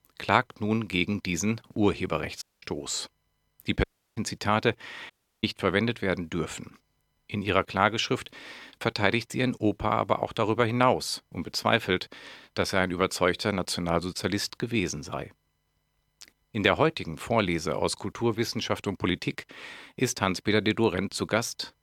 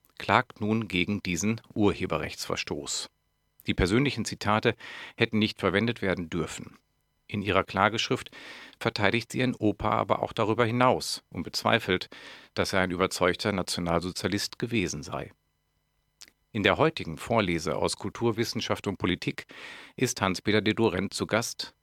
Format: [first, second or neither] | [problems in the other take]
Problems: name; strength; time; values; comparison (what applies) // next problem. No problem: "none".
second | audio cutting out; at 2.5 s, at 4 s and at 5 s